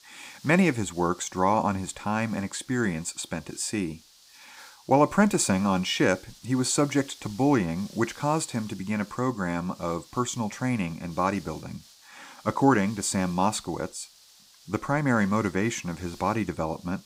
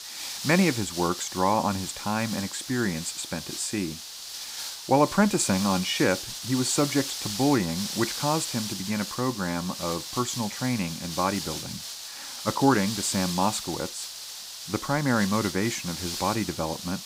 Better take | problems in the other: first | hiss; loud; throughout; 6 dB below the speech; faint in the first

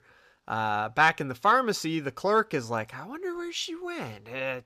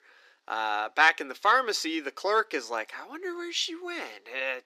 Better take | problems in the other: first | thin; somewhat; fading below 300 Hz

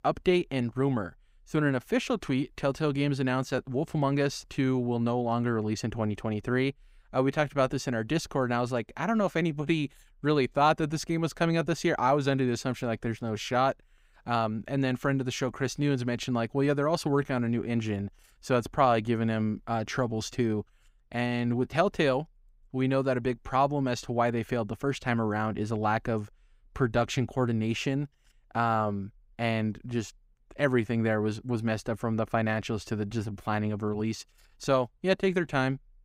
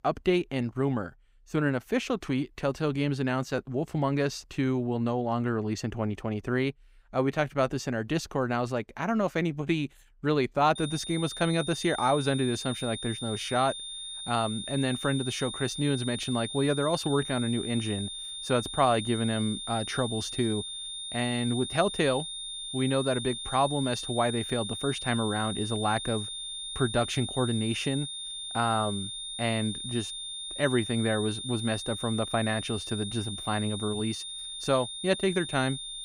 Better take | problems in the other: first | high-pitched whine; loud; from 11 s on; 3.5 kHz, 6 dB below the speech

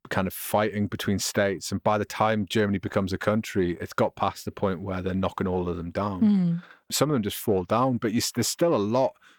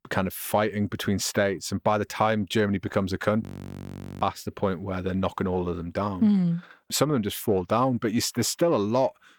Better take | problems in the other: first | audio freezing; at 3.5 s for 1 s

